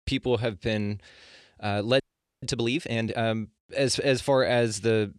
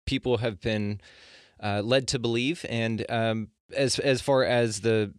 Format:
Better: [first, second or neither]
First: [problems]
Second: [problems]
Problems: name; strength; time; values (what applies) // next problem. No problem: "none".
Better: second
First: audio freezing; at 2 s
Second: none